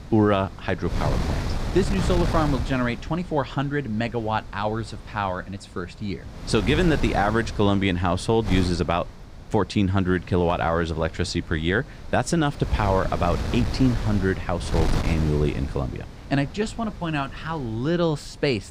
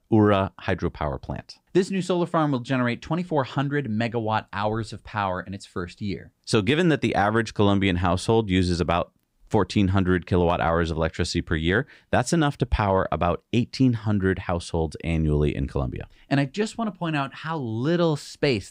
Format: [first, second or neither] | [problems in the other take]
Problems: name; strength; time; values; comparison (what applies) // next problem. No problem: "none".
second | wind noise on the microphone; occasional gusts; 10 dB below the speech